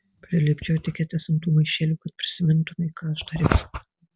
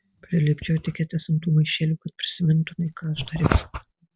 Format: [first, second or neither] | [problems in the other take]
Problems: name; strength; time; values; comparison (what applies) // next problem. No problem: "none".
first | background sound (Whoosh, swoosh, swish); 18 dB below the speech